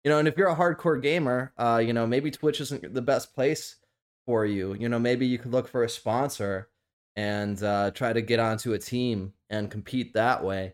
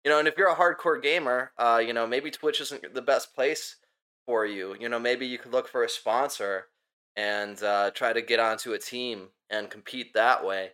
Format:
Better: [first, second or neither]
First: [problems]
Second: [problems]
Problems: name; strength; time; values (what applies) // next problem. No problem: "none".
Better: first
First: none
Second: thin; very; fading below 550 Hz